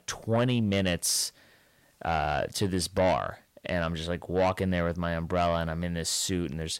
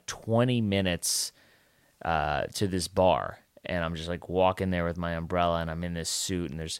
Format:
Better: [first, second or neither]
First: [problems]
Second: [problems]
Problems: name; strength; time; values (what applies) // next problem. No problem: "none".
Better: second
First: distortion; slight; 10 dB below the speech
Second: none